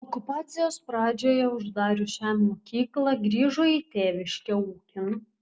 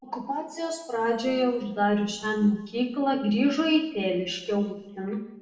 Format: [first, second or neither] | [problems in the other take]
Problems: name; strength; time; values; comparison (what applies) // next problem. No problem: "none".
first | room echo; dies away in 0.9 s